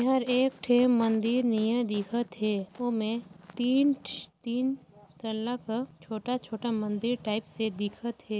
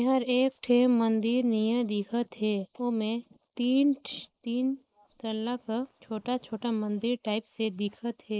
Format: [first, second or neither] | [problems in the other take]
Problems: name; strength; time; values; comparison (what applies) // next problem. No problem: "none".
first | noise reduction (neural mask model Resemble Enhance denoiser)